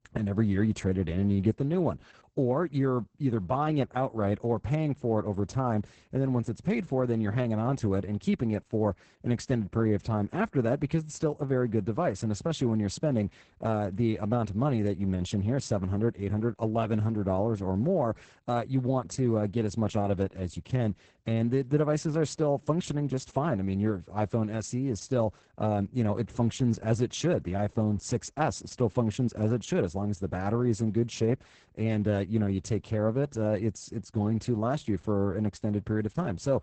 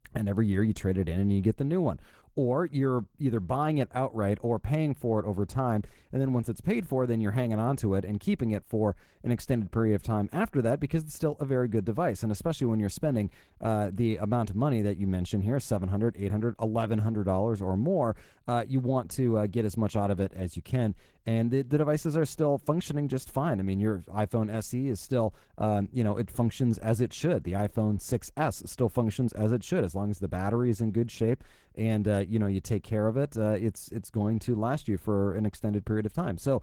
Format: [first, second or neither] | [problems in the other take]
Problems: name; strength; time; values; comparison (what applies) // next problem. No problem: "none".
second | garbled, watery; badly; nothing above 8 kHz; slightly in the second